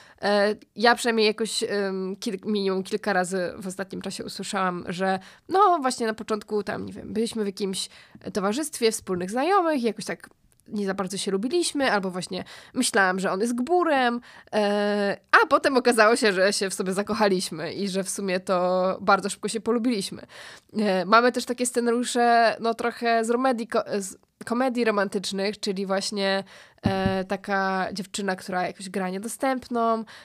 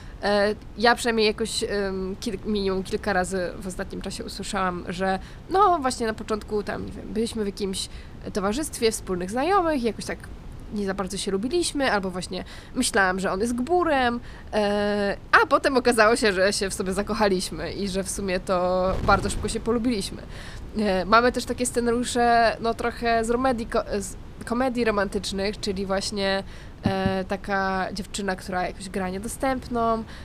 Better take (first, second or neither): first